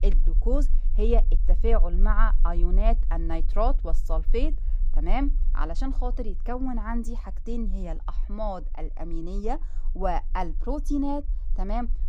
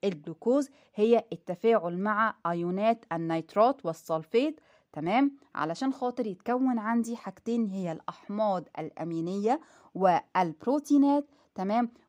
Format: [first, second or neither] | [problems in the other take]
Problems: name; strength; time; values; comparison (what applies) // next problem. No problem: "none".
second | low rumble; faint; throughout; 25 dB below the speech